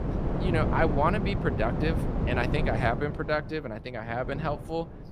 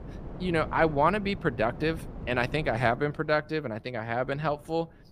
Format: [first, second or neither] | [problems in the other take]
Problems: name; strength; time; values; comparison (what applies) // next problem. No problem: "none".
second | wind noise on the microphone; heavy; 7 dB below the speech; occasional gusts in the second